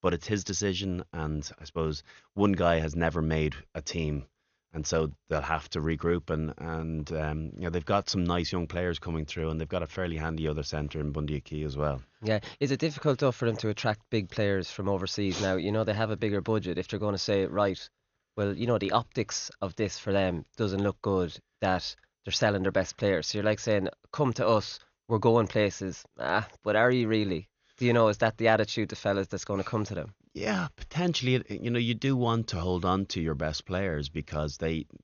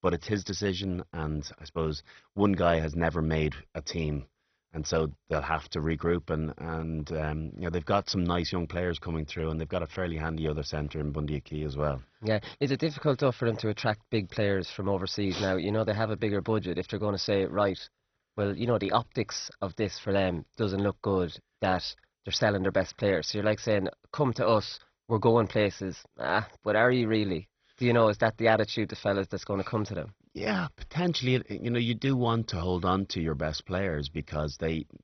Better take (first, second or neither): first